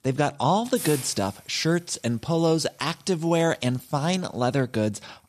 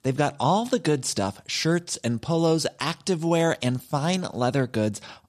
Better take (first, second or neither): second